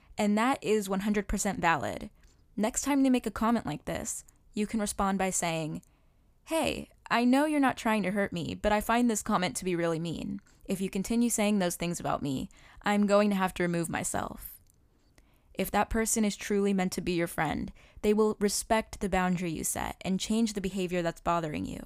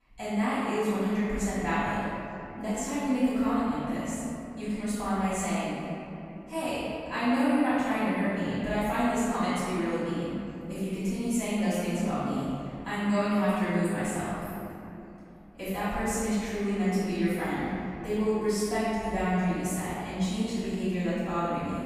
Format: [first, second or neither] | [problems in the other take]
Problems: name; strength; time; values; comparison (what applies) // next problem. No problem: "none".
first | off-mic speech; far // room echo; strong; dies away in 2.8 s